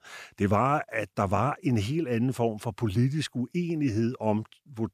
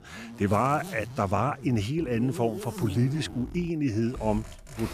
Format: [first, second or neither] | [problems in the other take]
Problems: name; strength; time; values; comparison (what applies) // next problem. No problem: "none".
first | household noises; noticeable; throughout; 15 dB below the speech